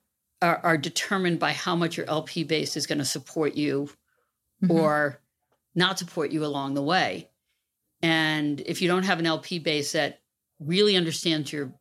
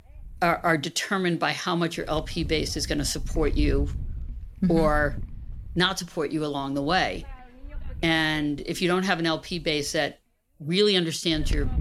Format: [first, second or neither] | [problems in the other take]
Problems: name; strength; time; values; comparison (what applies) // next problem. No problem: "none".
first | wind noise on the microphone; occasional gusts; 25 dB below the speech